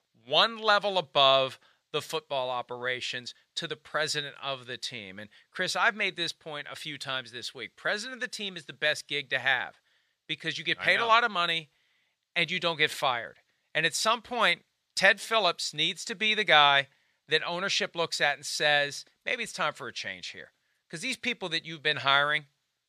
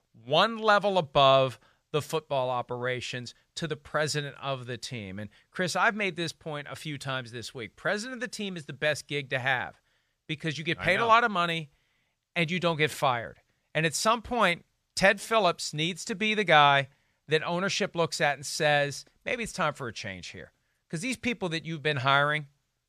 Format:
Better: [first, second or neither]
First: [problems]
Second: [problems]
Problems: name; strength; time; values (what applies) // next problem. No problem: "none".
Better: second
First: thin; very slightly; fading below 350 Hz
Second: none